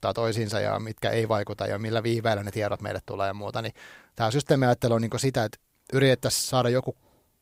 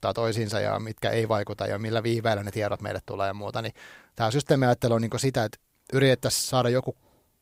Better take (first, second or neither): neither